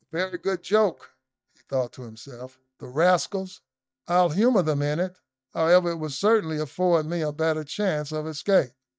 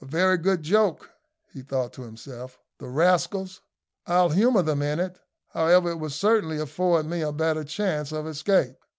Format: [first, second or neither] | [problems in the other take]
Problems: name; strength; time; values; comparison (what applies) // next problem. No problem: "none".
second | noise reduction (neural mask model DeepFilterNet 3)